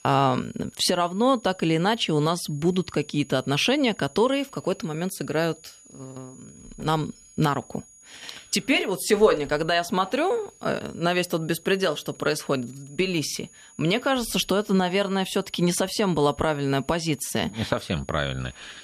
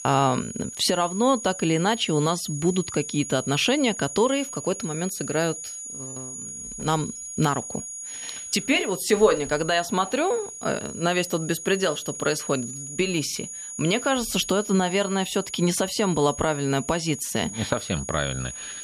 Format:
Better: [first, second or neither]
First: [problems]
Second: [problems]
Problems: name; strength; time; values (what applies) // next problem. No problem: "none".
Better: first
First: high-pitched whine; faint; throughout; 6.5 kHz, 25 dB below the speech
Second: high-pitched whine; loud; throughout; 6.5 kHz, 9 dB below the speech